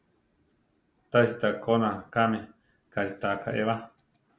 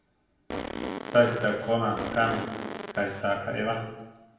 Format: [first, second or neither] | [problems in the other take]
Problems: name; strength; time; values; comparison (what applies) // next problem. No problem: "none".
first | background sound (Fart); 7 dB below the speech // room echo; dies away in 0.9 s